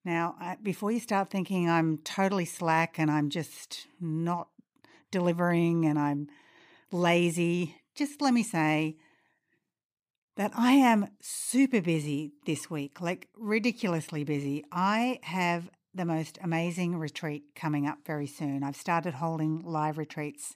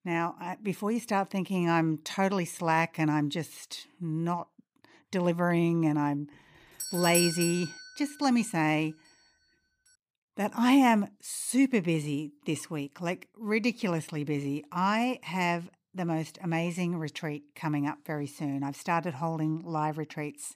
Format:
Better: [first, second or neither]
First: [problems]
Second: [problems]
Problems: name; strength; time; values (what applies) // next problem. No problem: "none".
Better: first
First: none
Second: doorbell; loud; at 7 s; peak 2 dB above the speech